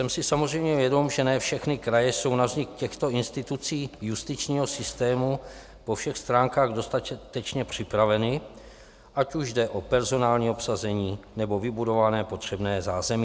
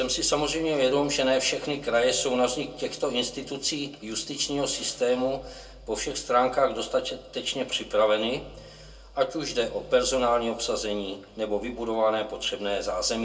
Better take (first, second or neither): first